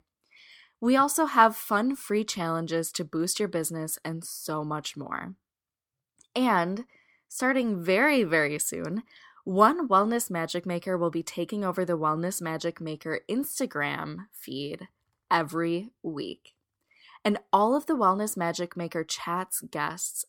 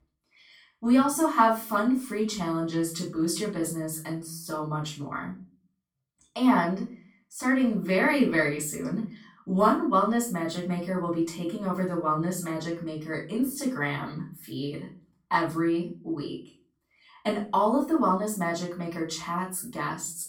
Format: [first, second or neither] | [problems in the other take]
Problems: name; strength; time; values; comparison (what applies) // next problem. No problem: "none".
first | off-mic speech; far // room echo; slight; dies away in 0.3 s